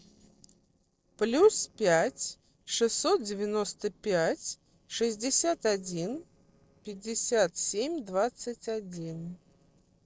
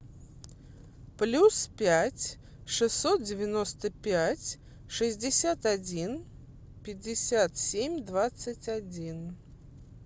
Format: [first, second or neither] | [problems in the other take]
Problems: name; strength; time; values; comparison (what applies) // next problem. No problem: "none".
second | noise reduction (neural separator model SepFormer DNS4)